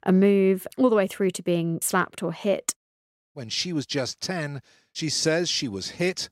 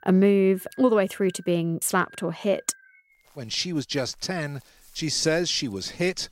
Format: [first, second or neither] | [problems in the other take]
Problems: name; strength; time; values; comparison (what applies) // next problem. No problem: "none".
first | animal sounds; faint; throughout; 30 dB below the speech